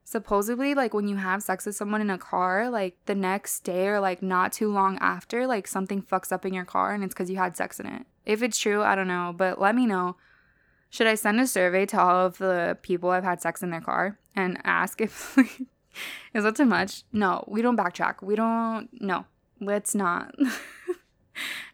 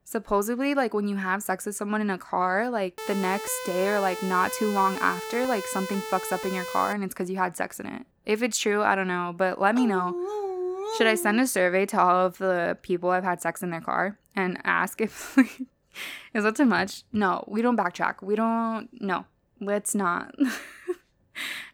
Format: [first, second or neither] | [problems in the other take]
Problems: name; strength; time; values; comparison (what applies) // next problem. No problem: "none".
first | siren; noticeable; from 3 to 7 s; peak 8 dB below the speech // dog barking; noticeable; from 10 to 11 s; peak 4 dB below the speech